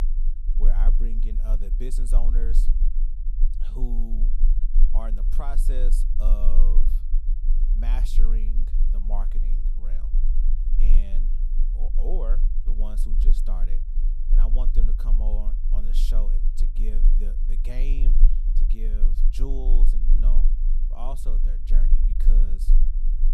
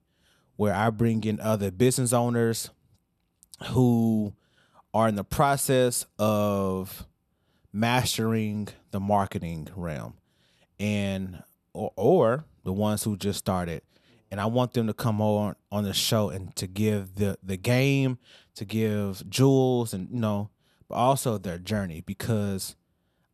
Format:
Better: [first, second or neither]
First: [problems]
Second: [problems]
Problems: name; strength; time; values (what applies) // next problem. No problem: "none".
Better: second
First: low rumble; loud; throughout; 8 dB below the speech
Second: none